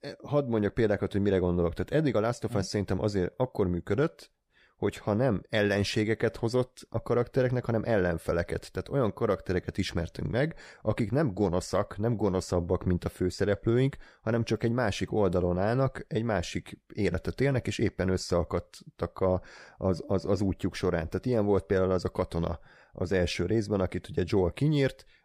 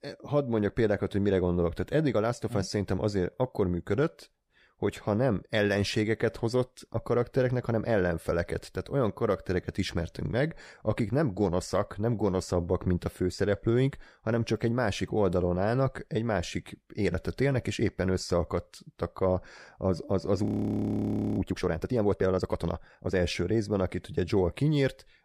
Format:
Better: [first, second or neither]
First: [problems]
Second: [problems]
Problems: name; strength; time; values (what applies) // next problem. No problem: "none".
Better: first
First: none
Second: audio freezing; at 20 s for 1 s